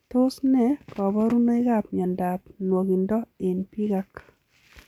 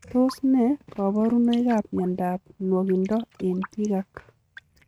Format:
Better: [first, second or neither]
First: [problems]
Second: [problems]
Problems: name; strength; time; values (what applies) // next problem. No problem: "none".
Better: first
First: none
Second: noise reduction (neural mask model RNNoise)